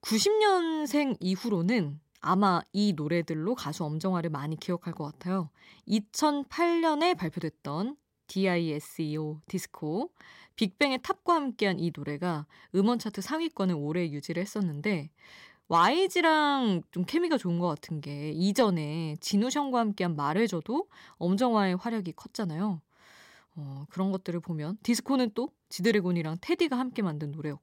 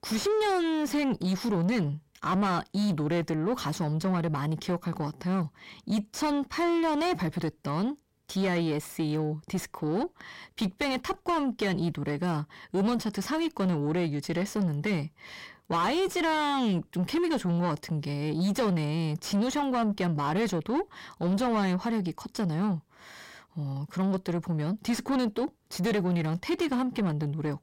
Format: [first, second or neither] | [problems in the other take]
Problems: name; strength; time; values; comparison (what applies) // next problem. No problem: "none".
first | distortion; heavy; 8 dB below the speech